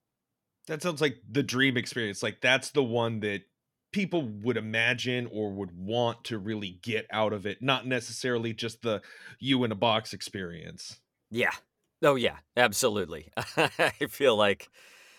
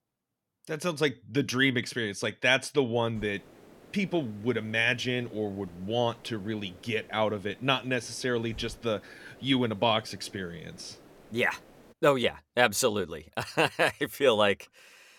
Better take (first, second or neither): first